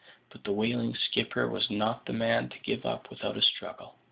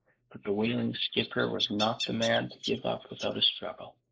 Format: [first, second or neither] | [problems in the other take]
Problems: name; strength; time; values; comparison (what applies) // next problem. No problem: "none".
first | noise reduction (neural mask model Resemble Enhance denoiser)